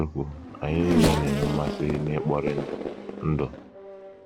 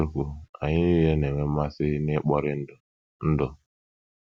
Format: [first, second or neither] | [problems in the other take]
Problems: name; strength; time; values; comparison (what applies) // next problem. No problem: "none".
second | background sound (Race car, auto racing / Accelerating, revving, vroom); 2 dB below the speech